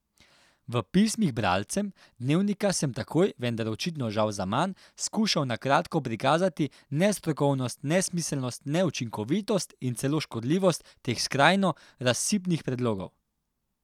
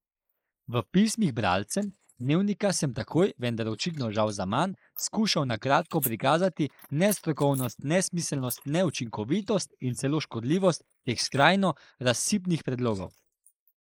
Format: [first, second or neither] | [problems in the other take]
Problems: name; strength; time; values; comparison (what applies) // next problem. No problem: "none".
first | noise reduction (neural mask model Resemble Enhance denoiser)